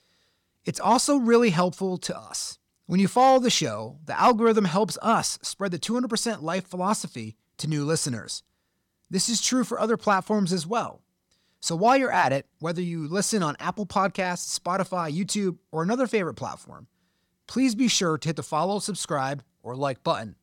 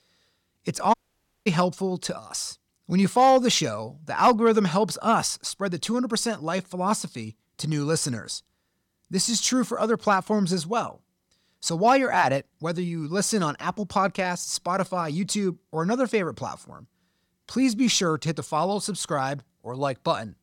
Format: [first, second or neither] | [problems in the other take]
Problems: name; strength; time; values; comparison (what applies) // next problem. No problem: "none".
first | audio cutting out; at 1 s for 0.5 s